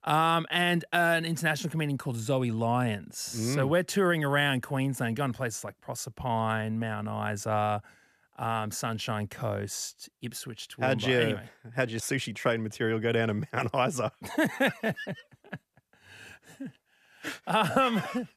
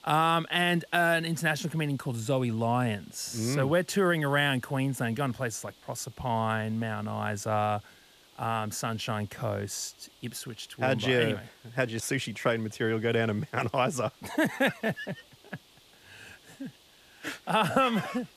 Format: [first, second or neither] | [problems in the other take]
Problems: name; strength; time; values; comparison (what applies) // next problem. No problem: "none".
first | hiss; faint; throughout; 25 dB below the speech